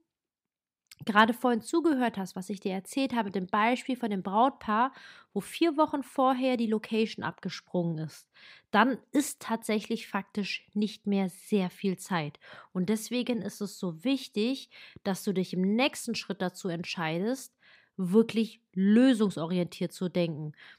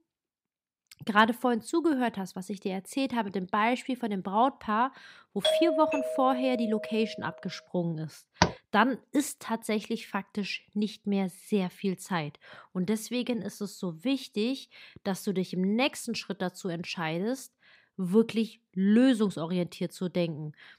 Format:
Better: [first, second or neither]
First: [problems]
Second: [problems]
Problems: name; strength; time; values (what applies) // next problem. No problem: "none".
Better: first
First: none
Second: doorbell; loud; from 5.5 to 7 s; peak 3 dB above the speech // door banging; loud; at 8.5 s; peak 2 dB above the speech